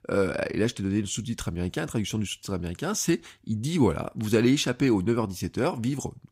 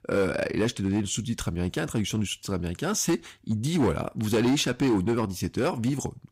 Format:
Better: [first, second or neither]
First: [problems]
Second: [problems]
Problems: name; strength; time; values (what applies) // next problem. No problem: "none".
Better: first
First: none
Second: distortion; slight; 7% of the sound clipped